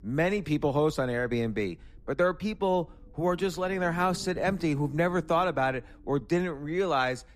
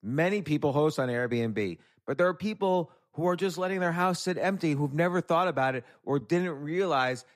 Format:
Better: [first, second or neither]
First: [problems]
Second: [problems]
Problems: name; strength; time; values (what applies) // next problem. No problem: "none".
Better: second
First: low rumble; faint; throughout; 25 dB below the speech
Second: none